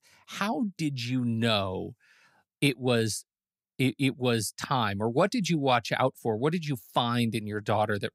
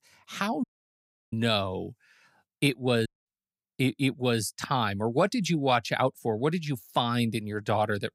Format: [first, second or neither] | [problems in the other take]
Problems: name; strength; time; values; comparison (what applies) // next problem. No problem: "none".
first | audio cutting out; at 0.5 s for 0.5 s and at 3 s